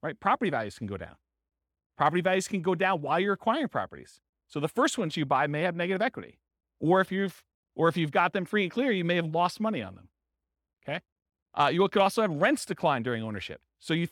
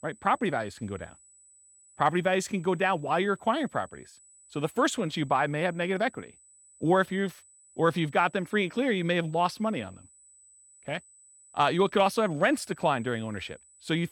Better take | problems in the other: first | high-pitched whine; faint; throughout; 8 kHz, 25 dB below the speech

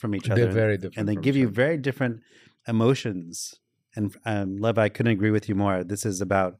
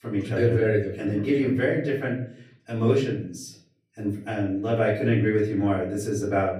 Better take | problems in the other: first | off-mic speech; far // room echo; noticeable; dies away in 0.5 s

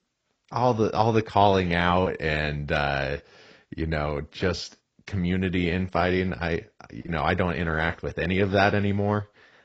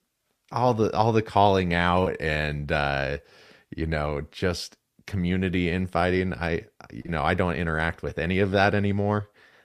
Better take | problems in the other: second | garbled, watery; badly

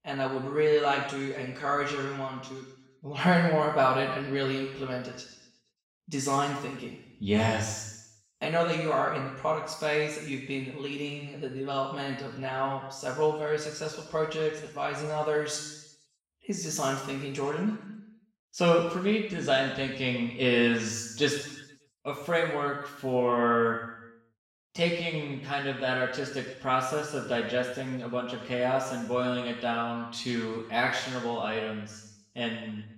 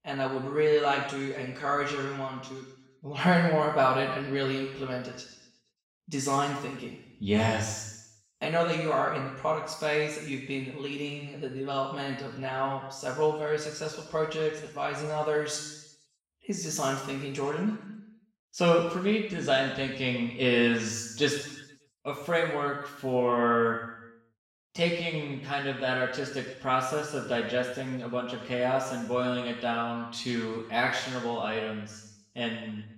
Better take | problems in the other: neither | room echo; noticeable; dies away in 0.9 s; the same in both // off-mic speech; far; the same in both

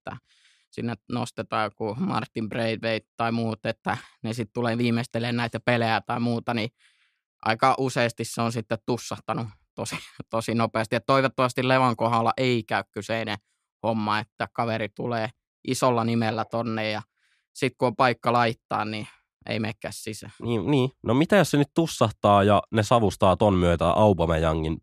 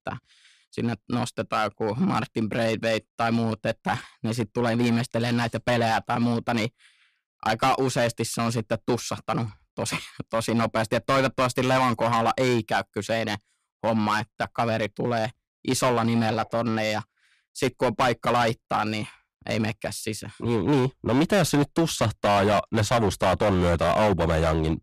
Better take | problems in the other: first | distortion; heavy; 8% of the sound clipped

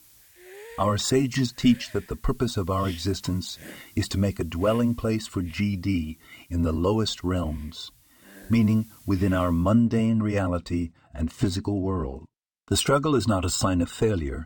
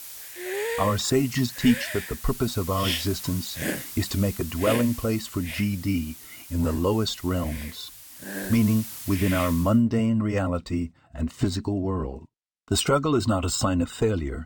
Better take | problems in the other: first | hiss; loud; until 9.5 s; 8 dB below the speech; faint in the first

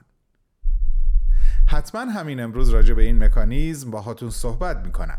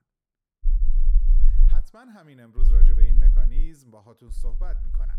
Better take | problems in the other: first | low rumble; loud; from 0.5 to 2 s, from 2.5 to 3.5 s and at 4.5 s; 1 dB below the speech; faint in the first

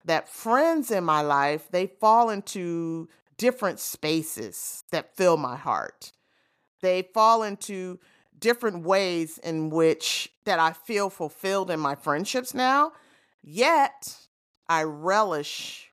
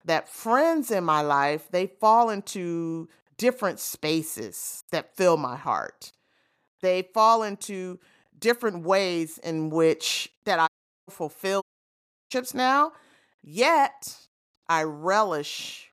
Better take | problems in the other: first | audio cutting out; at 11 s and at 12 s for 0.5 s

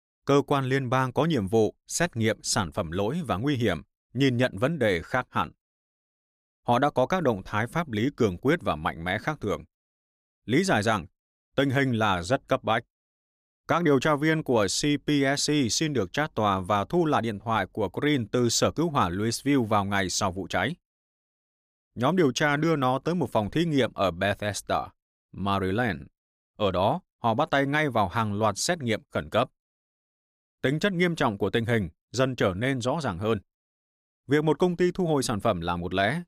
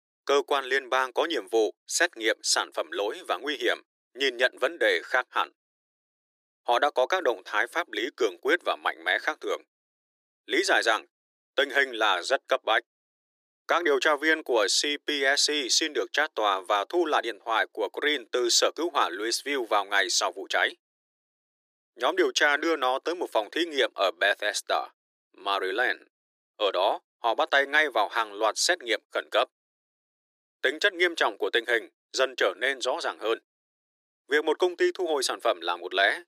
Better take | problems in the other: first | thin; very; fading below 350 Hz

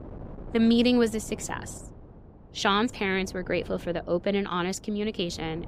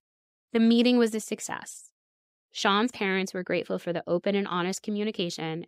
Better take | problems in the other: second | wind noise on the microphone; occasional gusts; 20 dB below the speech

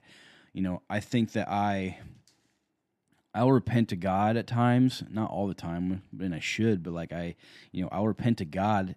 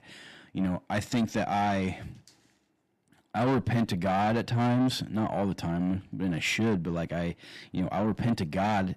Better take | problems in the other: first | distortion; heavy; 7 dB below the speech

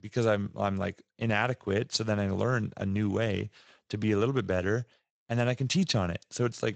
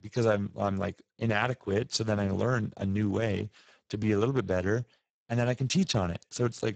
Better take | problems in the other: first | garbled, watery; badly; nothing above 7.5 kHz; slightly in the first

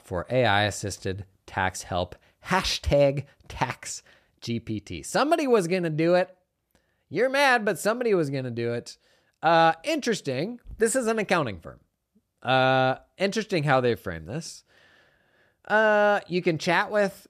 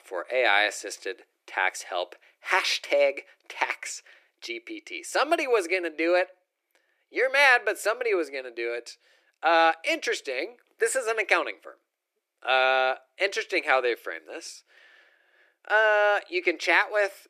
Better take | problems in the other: first | thin; very; fading below 350 Hz

